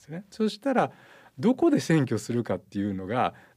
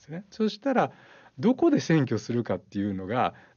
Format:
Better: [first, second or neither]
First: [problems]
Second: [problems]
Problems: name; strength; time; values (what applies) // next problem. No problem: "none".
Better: first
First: none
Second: garbled, watery; slightly; nothing above 6.5 kHz